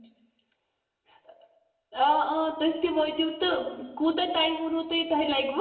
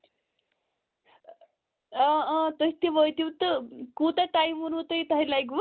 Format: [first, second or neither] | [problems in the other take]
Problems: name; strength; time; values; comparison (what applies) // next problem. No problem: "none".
second | room echo; dies away in 1 s